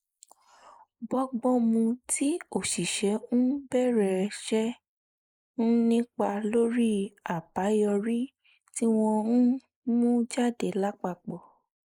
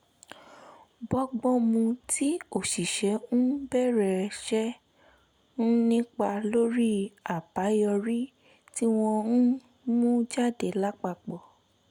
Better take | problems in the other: second | noise reduction (neural mask model Resemble Enhance denoiser)

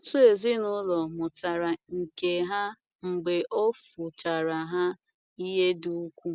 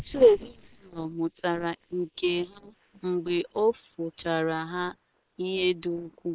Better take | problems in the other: first | noise reduction (neural separator model SepFormer WHAM!)

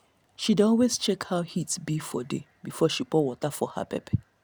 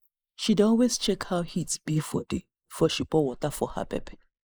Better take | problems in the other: first | noise reduction (neural mask model Resemble Enhance denoiser)

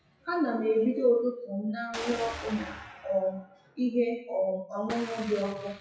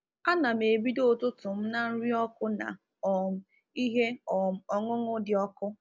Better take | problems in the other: second | noise reduction (classical method WPE with log-MMSE)

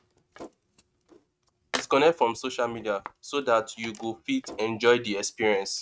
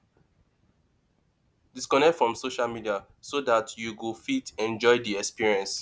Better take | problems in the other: second | noise reduction (neural mask model RNNoise)

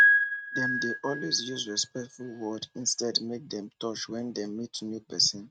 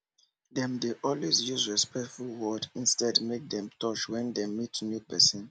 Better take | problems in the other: second | noise reduction (neural mask model RNNoise)

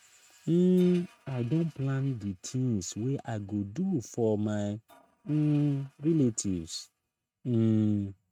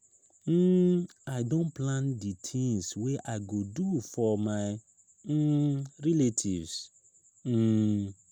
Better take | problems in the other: second | noise reduction (neural mask model RNNoise)

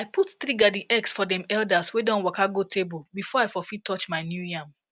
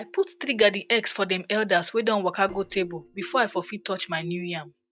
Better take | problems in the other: first | noise reduction (neural mask model DeepFilterNet 3)

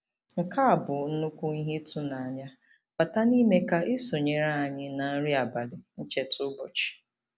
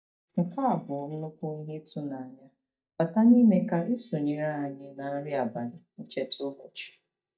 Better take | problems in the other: first | noise reduction (neural mask model DeepFilterNet 3)

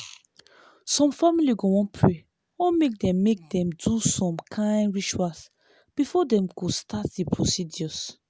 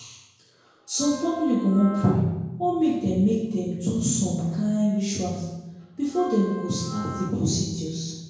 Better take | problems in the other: first | background sound (Wind instrument, woodwind instrument); 16 dB below the speech // room echo; dies away in 1 s

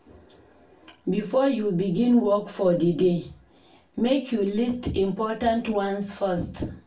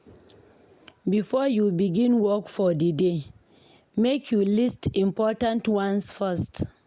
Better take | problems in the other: second | room echo; dies away in 0.3 s

